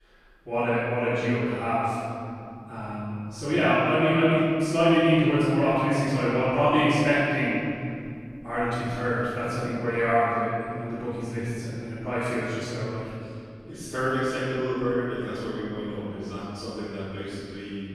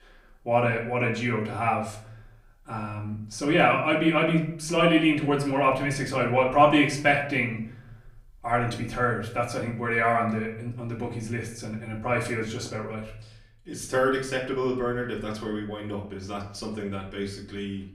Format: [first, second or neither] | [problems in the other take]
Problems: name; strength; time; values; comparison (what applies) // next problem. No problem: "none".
second | room echo; strong; dies away in 2.7 s; slight in the second // off-mic speech; far; far in the second